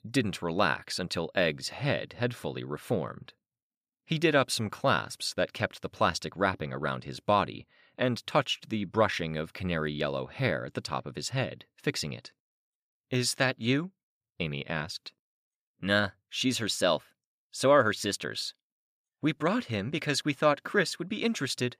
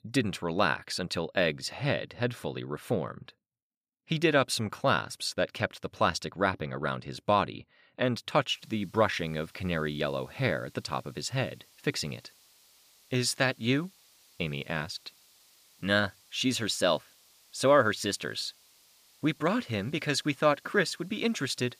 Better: first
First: none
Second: hiss; faint; from 8.5 s on; 30 dB below the speech

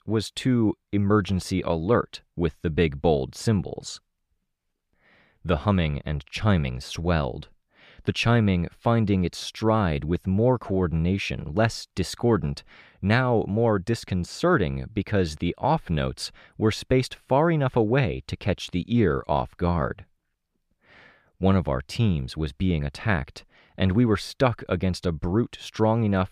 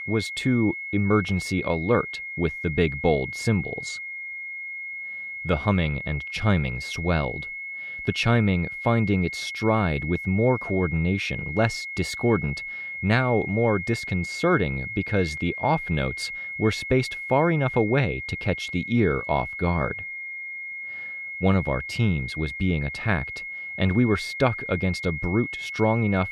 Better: first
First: none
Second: high-pitched whine; loud; throughout; 2 kHz, 7 dB below the speech

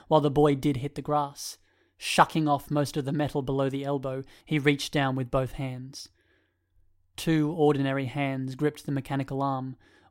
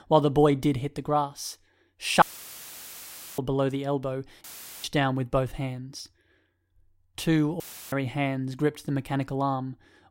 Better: first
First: none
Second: audio cutting out; filled with static; at 2 s for 1 s, at 4.5 s and at 7.5 s

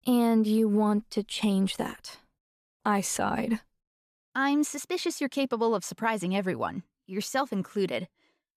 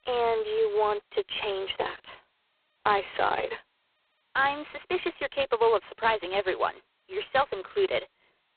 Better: first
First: none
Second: phone-call audio; poor line; nothing above 4 kHz

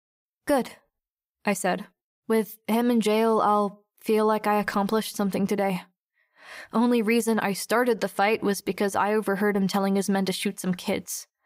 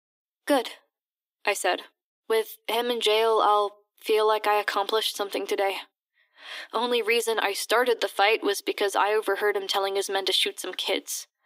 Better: first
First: none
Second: thin; very; fading below 300 Hz

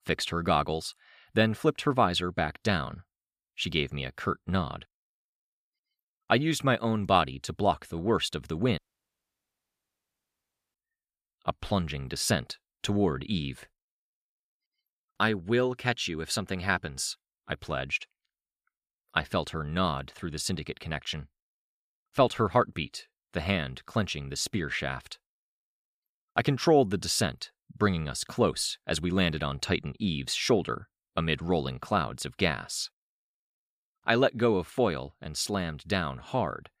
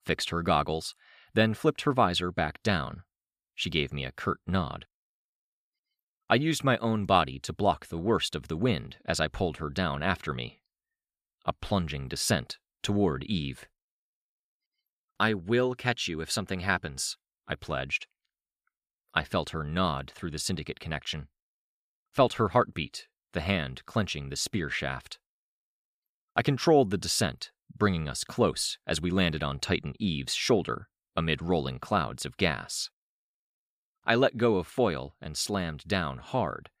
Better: second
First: audio cutting out; at 9 s for 2 s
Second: none

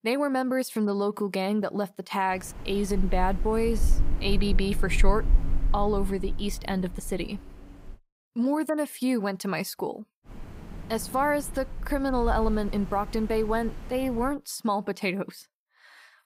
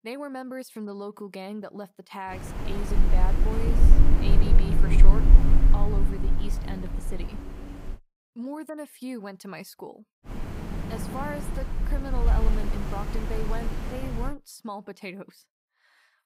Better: first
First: wind noise on the microphone; occasional gusts; from 2.5 to 8 s and from 10 to 14 s; 20 dB below the speech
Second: wind noise on the microphone; heavy; from 2.5 to 8 s and from 10 to 14 s; 1 dB below the speech

